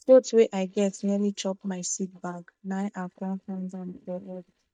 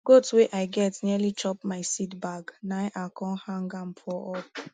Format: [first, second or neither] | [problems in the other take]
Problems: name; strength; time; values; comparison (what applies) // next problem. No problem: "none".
second | noise reduction (neural mask model DeepFilterNet 3)